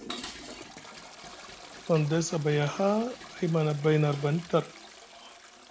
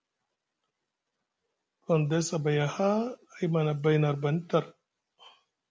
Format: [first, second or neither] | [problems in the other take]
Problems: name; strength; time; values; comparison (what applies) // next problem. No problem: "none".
second | background sound (Dishes, pots, and pans + Toilet flush); 15 dB below the speech